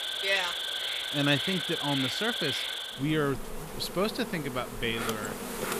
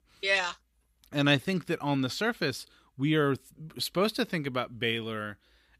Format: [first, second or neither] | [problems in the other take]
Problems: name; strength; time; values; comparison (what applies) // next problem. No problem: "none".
second | animal sounds; loud; throughout; 1 dB below the speech